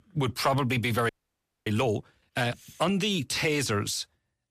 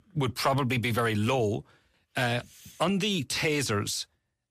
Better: second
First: audio freezing; at 1 s for 0.5 s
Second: none

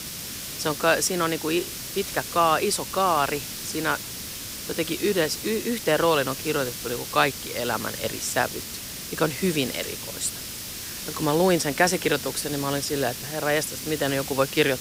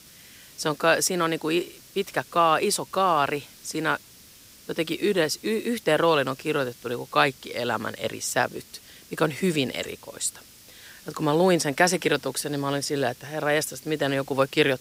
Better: second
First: hiss; loud; throughout; 7 dB below the speech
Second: hiss; faint; throughout; 20 dB below the speech

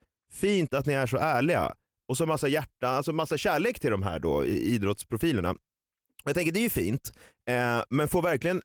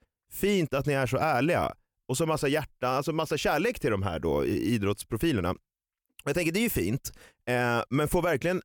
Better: second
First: garbled, watery; slightly; nothing above 17.5 kHz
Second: none

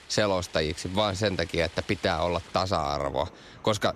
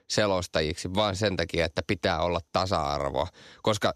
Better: second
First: rain or running water; noticeable; throughout; 20 dB below the speech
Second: none

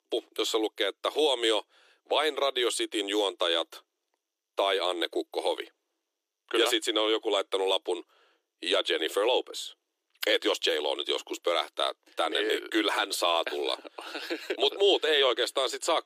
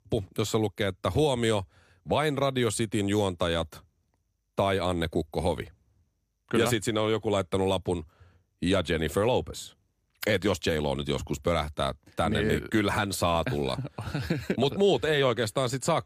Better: second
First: thin; very; fading below 300 Hz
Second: none

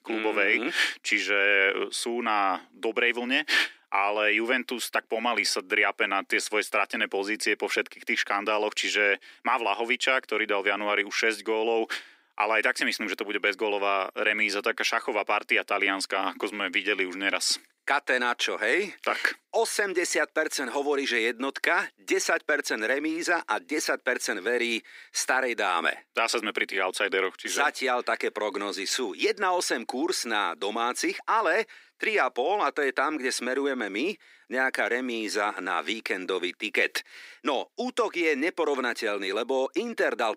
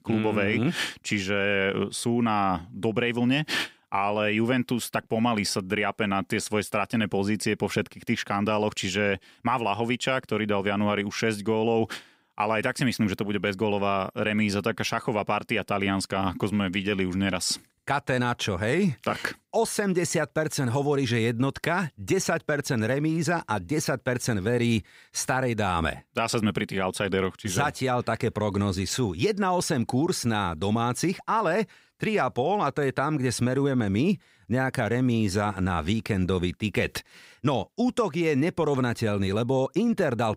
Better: second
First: thin; somewhat; fading below 300 Hz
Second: none

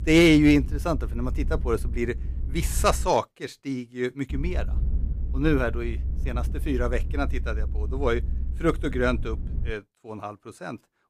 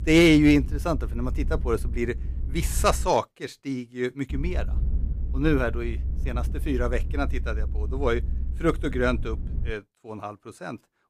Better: neither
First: low rumble; faint; until 3 s and from 4.5 to 9.5 s; 20 dB below the speech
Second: low rumble; faint; until 3 s and from 4.5 to 9.5 s; 20 dB below the speech

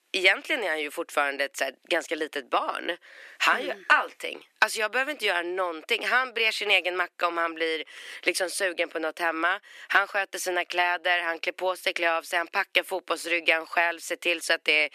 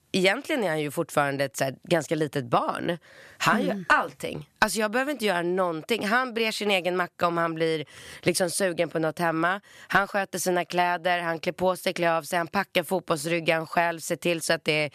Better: second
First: thin; very; fading below 300 Hz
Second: none

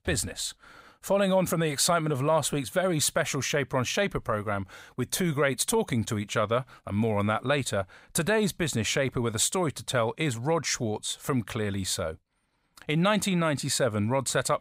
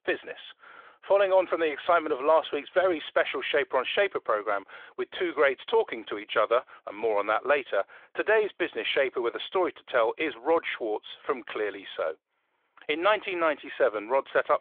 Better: first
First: none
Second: phone-call audio; nothing above 3.5 kHz

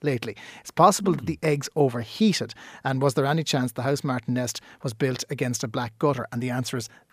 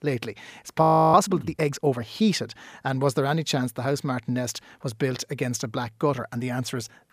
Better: first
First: none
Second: audio freezing; at 1 s

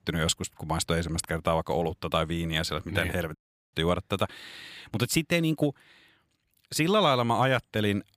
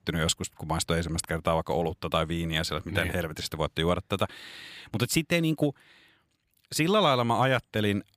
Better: second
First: audio cutting out; at 3.5 s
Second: none

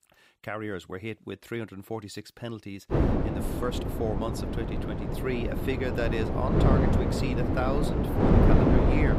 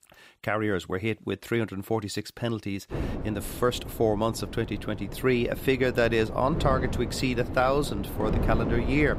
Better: second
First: wind noise on the microphone; heavy; from 3 s on; 4 dB above the speech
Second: wind noise on the microphone; occasional gusts; from 3 s on; 10 dB below the speech

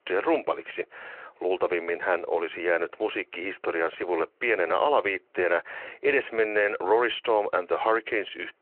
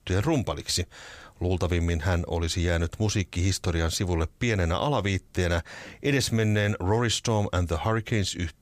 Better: second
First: phone-call audio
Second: none

